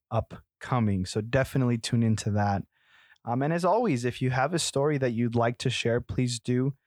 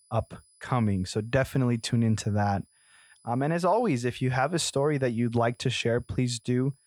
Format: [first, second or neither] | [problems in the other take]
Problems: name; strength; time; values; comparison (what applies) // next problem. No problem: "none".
first | high-pitched whine; faint; throughout; 10 kHz, 35 dB below the speech